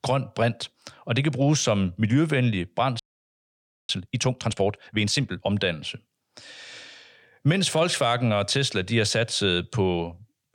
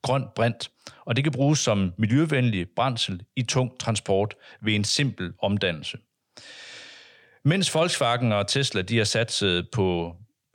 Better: second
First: audio freezing; at 3 s for 1 s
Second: none

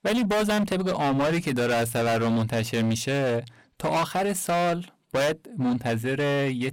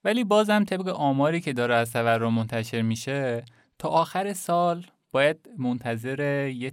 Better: second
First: distortion; heavy; 26% of the sound clipped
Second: none

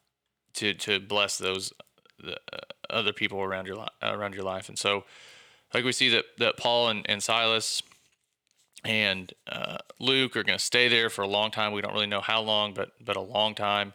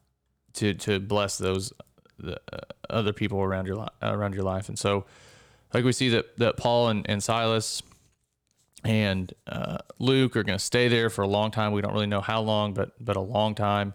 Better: second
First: thin; somewhat; fading below 1 kHz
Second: none

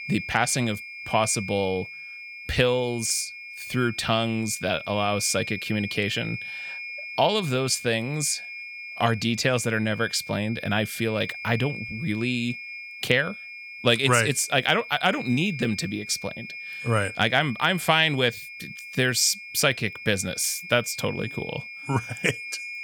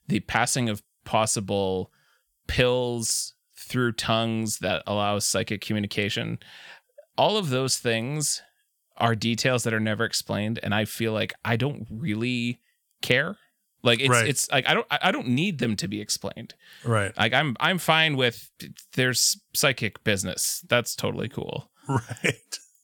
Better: second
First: high-pitched whine; noticeable; throughout; 2.5 kHz, 10 dB below the speech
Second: none

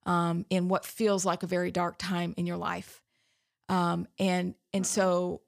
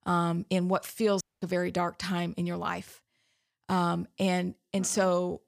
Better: first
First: none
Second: audio cutting out; at 1 s

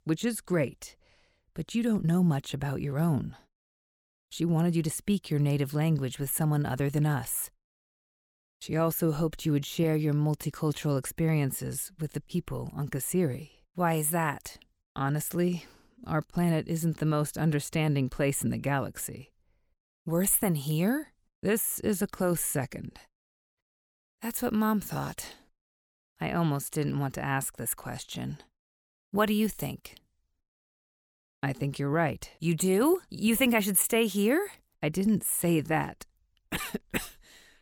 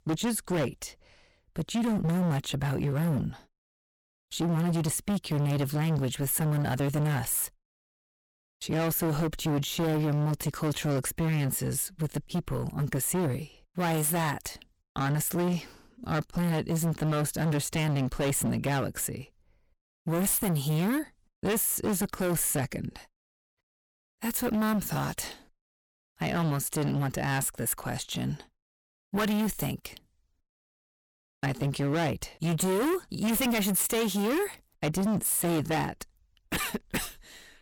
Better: first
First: none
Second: distortion; heavy; 20% of the sound clipped

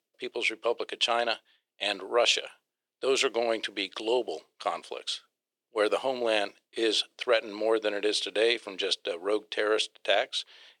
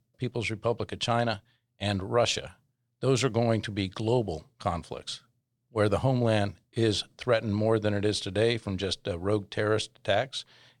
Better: second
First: thin; very; fading below 350 Hz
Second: none

